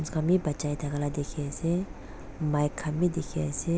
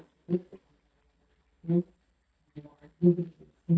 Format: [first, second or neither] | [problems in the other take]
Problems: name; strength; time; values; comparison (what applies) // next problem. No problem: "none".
first | noise reduction (neural mask model DeepFilterNet 3)